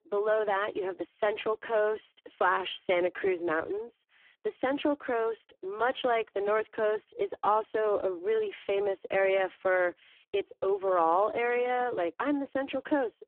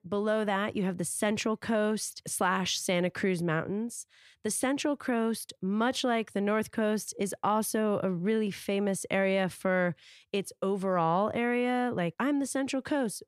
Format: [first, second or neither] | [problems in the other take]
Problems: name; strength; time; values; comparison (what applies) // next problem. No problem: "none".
second | phone-call audio; poor line